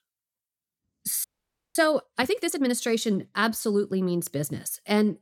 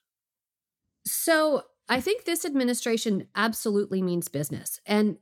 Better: second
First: audio freezing; at 1 s for 0.5 s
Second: none

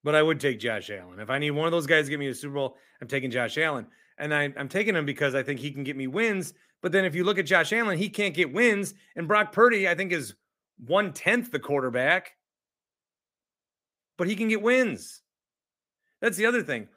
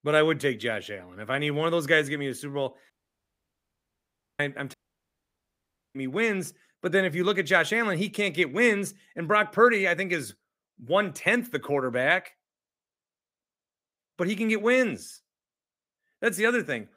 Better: first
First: none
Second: audio cutting out; at 3 s for 1.5 s and at 4.5 s for 1 s

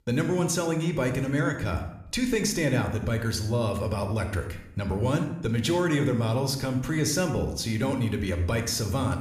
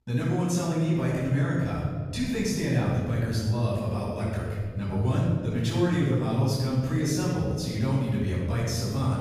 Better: first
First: room echo; slight; dies away in 0.6 s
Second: room echo; strong; dies away in 2.2 s // off-mic speech; far

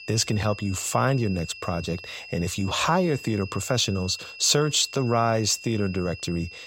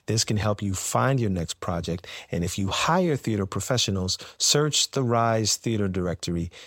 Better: second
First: high-pitched whine; noticeable; throughout; 2.5 kHz, 15 dB below the speech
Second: none

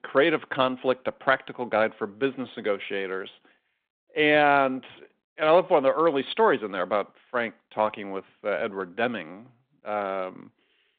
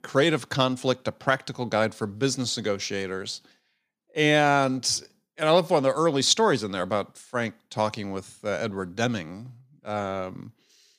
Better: second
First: phone-call audio; nothing above 3.5 kHz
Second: none

